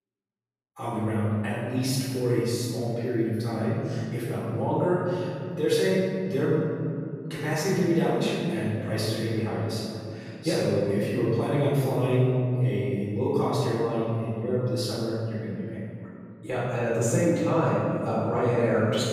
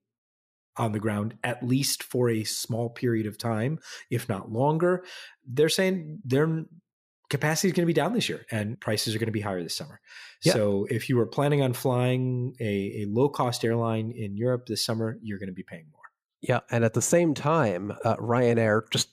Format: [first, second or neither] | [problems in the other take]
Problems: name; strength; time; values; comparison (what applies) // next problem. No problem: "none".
second | off-mic speech; far // room echo; strong; dies away in 3 s